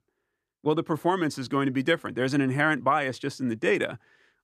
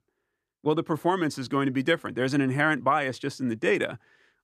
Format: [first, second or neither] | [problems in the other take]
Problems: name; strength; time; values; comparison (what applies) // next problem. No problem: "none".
neither | none